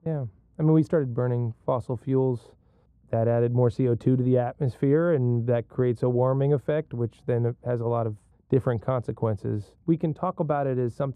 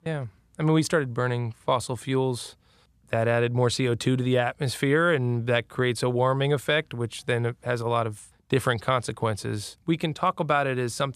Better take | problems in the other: second | muffled; very; fading above 1.5 kHz

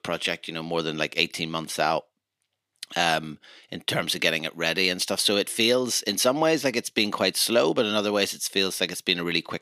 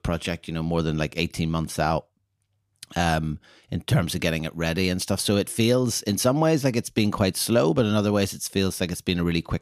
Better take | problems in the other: second | thin; somewhat; fading below 300 Hz

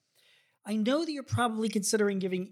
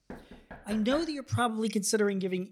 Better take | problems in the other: first | door banging; faint; until 1 s; peak 15 dB below the speech

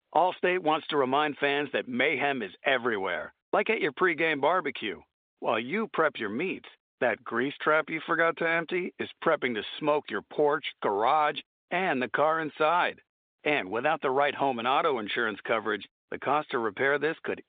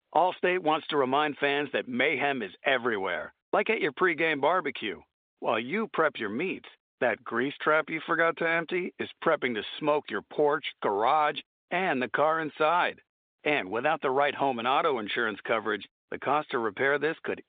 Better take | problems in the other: neither | phone-call audio; nothing above 3.5 kHz; the same in both

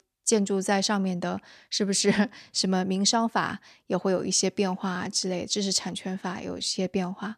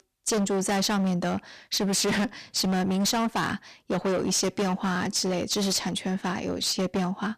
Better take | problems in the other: first | distortion; heavy; 23% of the sound clipped

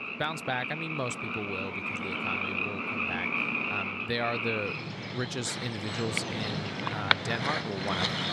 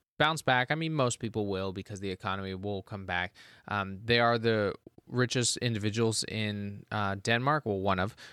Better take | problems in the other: second | animal sounds; very loud; throughout; 4 dB above the speech

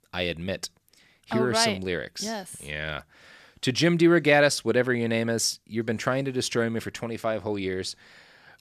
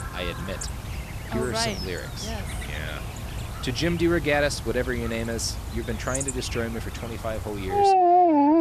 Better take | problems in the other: first | animal sounds; very loud; throughout; 1 dB above the speech

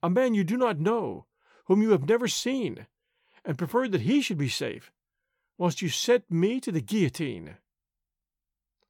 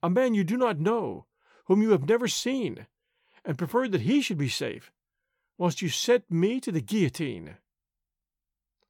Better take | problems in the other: neither | none

